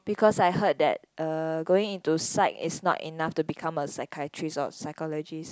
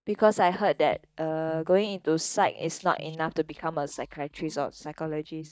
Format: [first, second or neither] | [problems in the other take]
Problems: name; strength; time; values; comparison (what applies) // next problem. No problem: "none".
first | noise reduction (neural mask model DeepFilterNet 3)